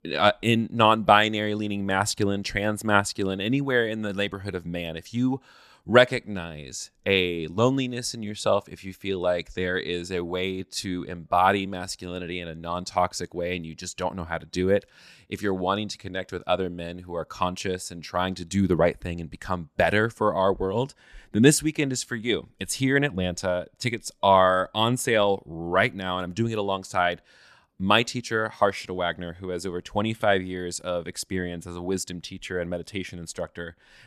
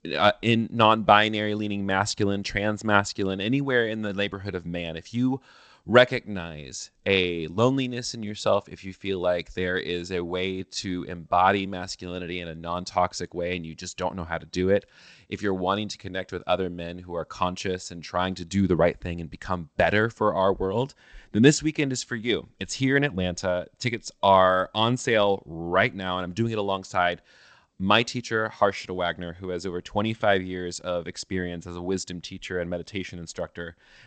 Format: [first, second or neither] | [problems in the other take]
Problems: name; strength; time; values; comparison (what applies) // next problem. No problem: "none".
first | garbled, watery; slightly; nothing above 8 kHz